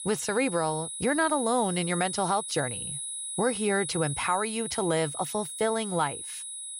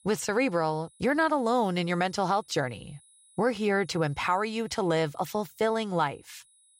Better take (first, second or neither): second